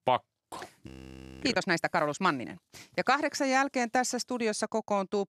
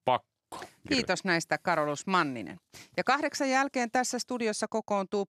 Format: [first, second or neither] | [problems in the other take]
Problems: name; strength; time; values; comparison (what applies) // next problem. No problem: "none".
second | audio freezing; at 1 s for 0.5 s